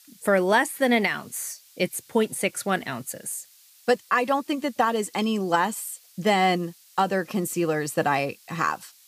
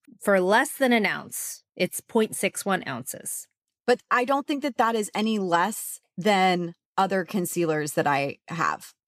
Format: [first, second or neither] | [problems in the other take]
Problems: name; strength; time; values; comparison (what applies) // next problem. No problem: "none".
second | hiss; faint; throughout; 25 dB below the speech